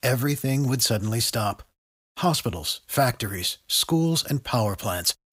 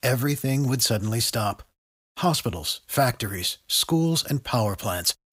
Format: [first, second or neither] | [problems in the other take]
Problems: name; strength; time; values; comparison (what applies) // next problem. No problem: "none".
neither | none